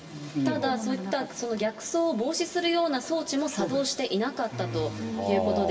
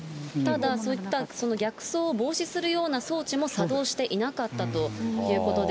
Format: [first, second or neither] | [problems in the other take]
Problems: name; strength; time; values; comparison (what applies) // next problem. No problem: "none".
second | room echo; dies away in 0.7 s